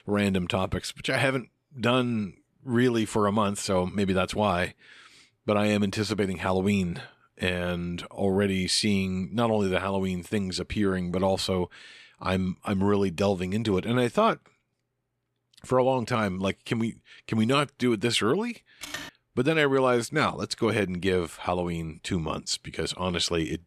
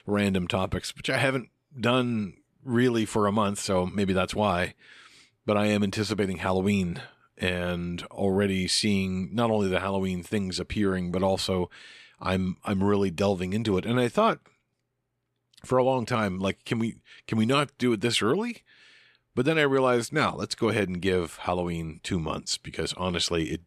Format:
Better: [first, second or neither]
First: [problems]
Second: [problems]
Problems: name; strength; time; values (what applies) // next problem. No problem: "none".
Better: second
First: phone ringing; faint; at 19 s; peak 10 dB below the speech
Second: none